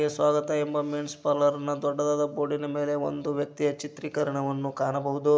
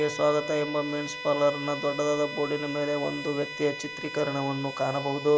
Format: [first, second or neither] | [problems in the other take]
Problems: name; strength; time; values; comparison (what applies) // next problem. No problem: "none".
first | background sound (Bowed string instrument); 10 dB below the speech